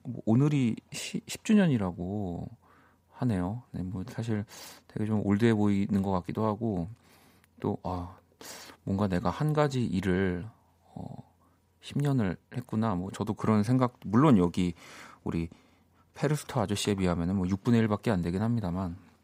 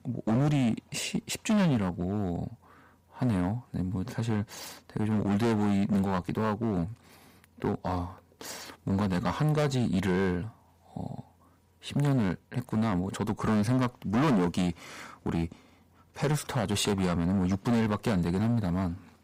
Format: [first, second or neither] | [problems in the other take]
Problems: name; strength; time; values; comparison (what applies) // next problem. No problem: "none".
first | distortion; heavy; 11% of the sound clipped